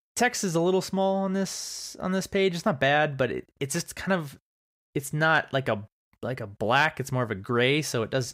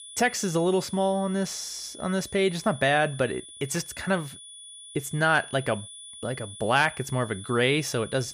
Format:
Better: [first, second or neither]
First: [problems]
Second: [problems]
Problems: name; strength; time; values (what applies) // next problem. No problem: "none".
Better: first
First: none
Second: high-pitched whine; noticeable; throughout; 3.5 kHz, 15 dB below the speech